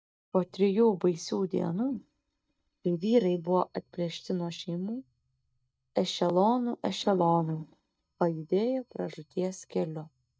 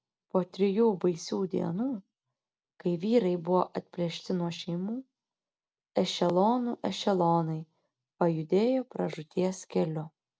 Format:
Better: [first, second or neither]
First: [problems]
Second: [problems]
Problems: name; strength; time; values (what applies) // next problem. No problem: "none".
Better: second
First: noise reduction (neural mask model DeepFilterNet 3)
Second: none